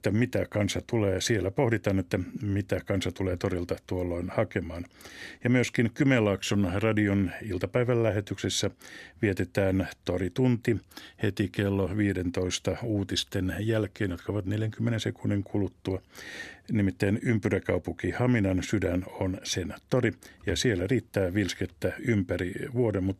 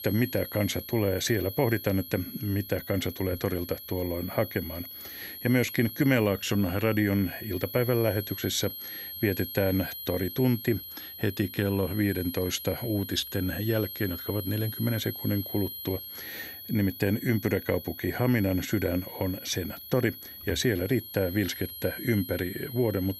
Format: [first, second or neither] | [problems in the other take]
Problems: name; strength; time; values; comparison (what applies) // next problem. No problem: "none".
first | high-pitched whine; loud; throughout; 11.5 kHz, 10 dB below the speech